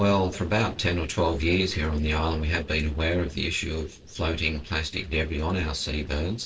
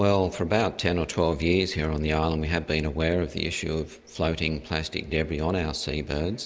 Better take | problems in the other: second | noise reduction (neural separator model SepFormer DNS4)

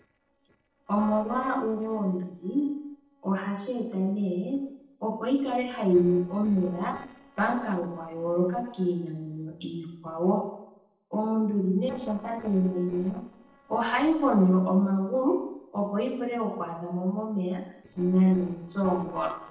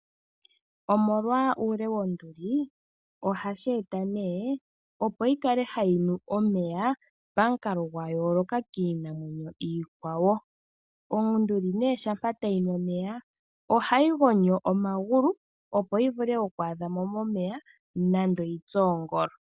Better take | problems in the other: second | noise reduction (neural separator model SepFormer DNS4)

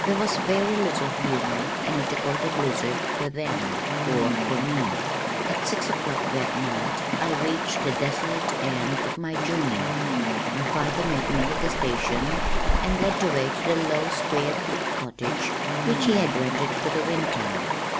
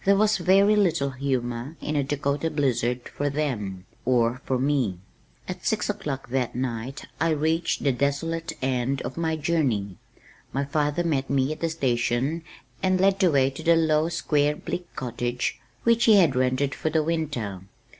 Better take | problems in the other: second | background sound (Insect + Stream); 2 dB above the speech

